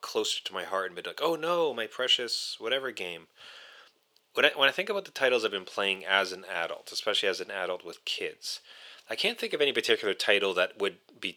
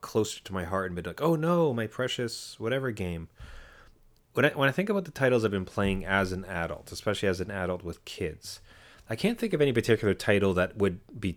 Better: second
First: thin; very; fading below 500 Hz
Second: none

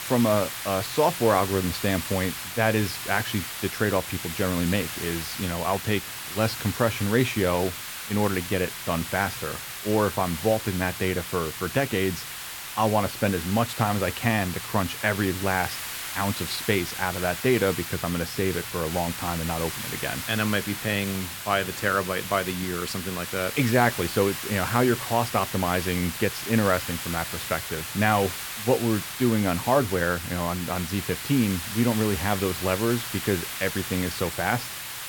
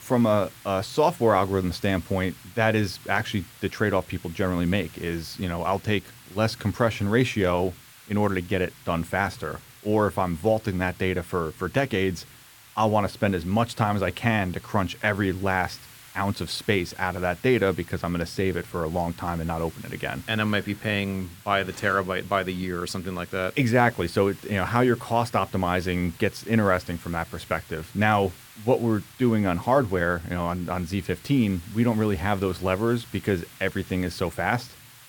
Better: second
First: hiss; loud; throughout; 6 dB below the speech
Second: hiss; faint; throughout; 20 dB below the speech

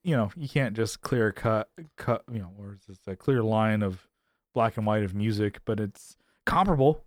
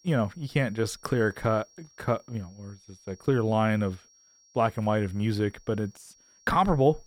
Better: first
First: none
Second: high-pitched whine; faint; throughout; 5.5 kHz, 30 dB below the speech

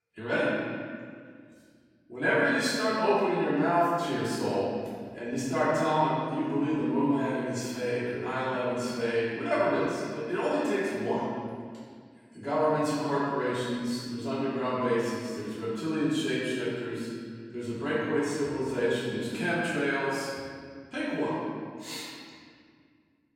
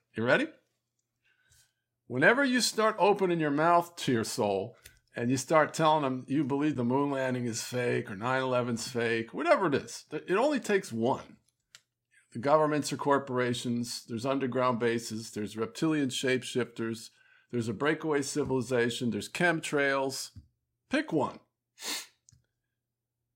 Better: second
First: off-mic speech; far // room echo; strong; dies away in 1.9 s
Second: none

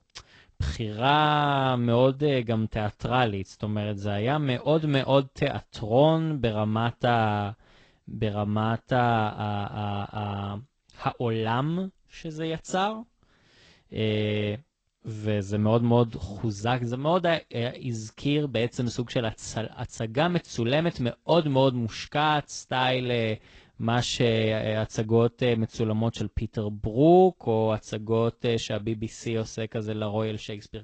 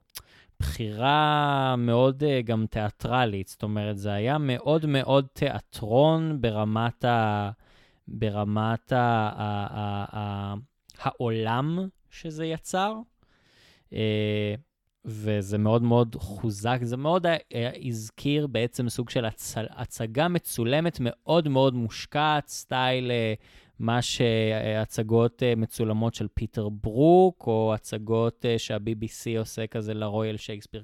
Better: second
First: garbled, watery; slightly; nothing above 8 kHz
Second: none

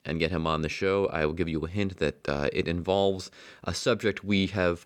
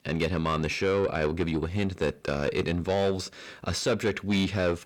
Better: first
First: none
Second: distortion; slight; 10 dB below the speech

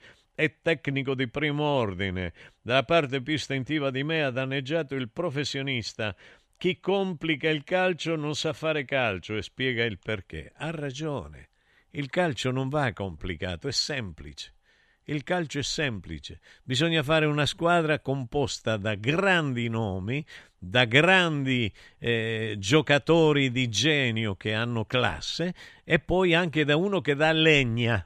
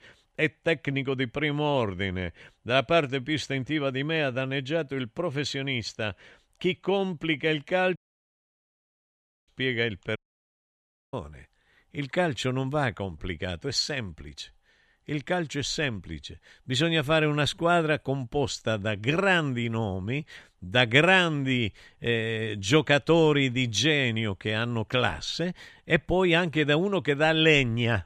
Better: first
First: none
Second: audio cutting out; at 8 s for 1.5 s and at 10 s for 1 s

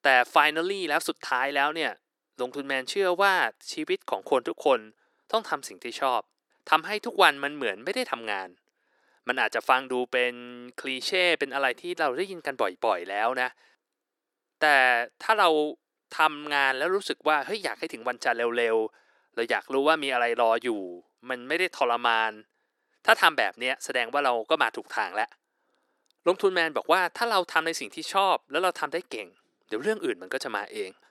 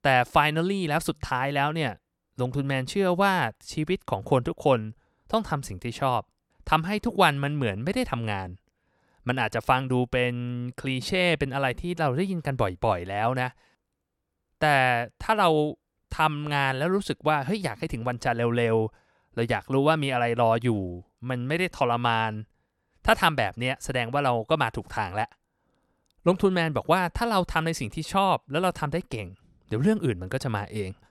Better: second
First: thin; somewhat; fading below 350 Hz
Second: none

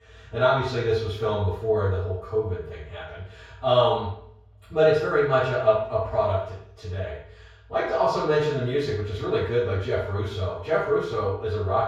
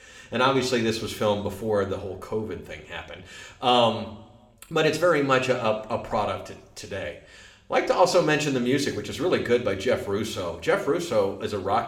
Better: second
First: room echo; strong; dies away in 0.7 s // off-mic speech; far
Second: room echo; slight; dies away in 0.6 s

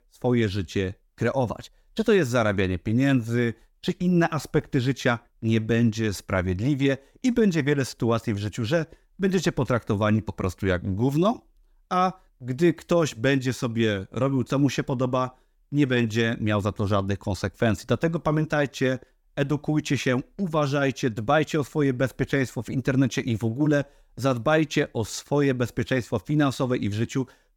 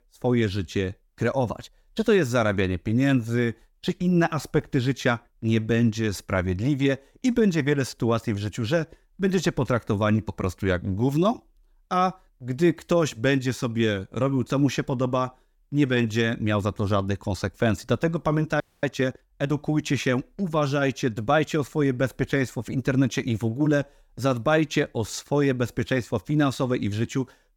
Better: first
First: none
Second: audio freezing; at 19 s

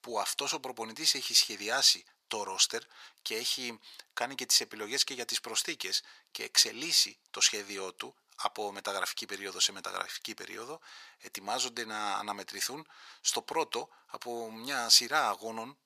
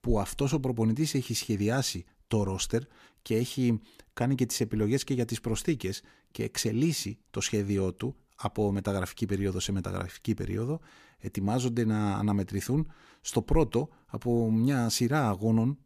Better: second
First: thin; very; fading below 950 Hz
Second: none

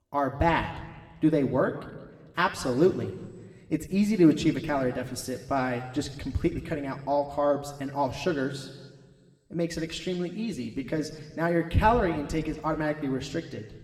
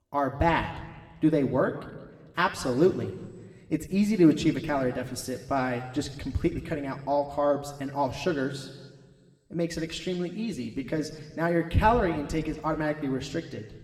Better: neither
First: room echo; slight; dies away in 1.4 s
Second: room echo; slight; dies away in 1.4 s

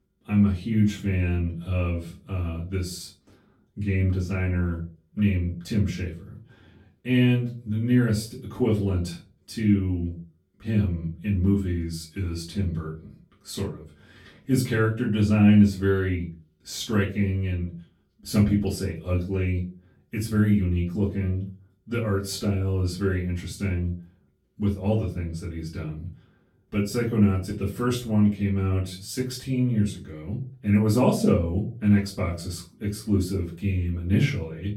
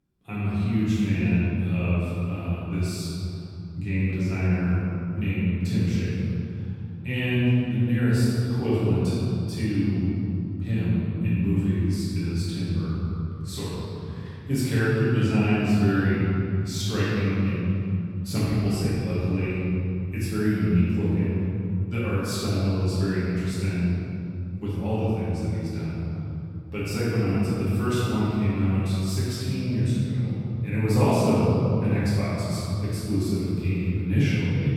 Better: first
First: room echo; slight; dies away in 0.3 s // off-mic speech; far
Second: room echo; strong; dies away in 3 s // off-mic speech; far

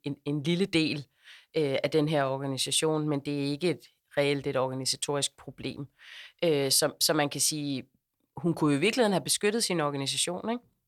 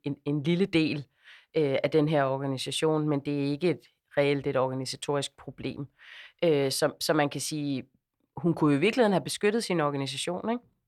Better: first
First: none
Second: muffled; slightly; fading above 3.5 kHz

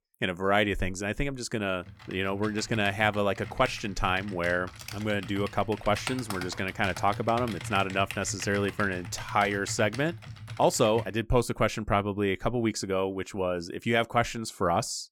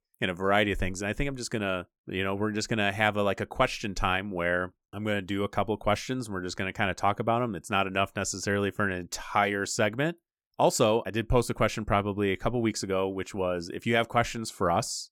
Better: second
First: keyboard typing; noticeable; from 2 to 11 s; peak 7 dB below the speech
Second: none

